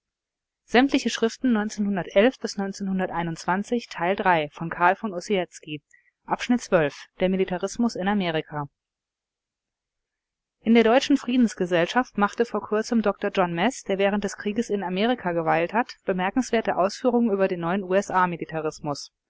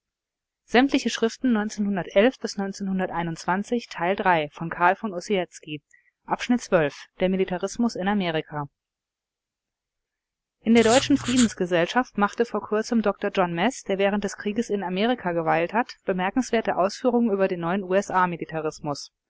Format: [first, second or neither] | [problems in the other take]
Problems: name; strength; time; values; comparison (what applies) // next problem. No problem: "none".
first | background sound (Writing); 7 dB below the speech